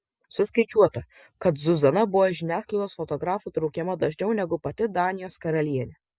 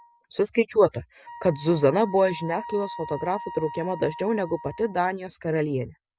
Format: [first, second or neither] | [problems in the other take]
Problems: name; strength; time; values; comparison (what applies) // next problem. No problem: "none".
first | background sound (Wind instrument, woodwind instrument); 15 dB below the speech